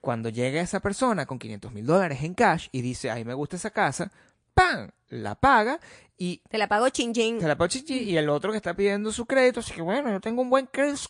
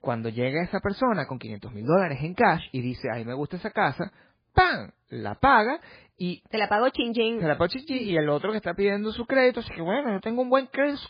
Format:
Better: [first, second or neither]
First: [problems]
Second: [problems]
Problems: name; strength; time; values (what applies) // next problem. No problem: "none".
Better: first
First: garbled, watery; slightly; nothing above 10 kHz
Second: garbled, watery; badly; nothing above 4.5 kHz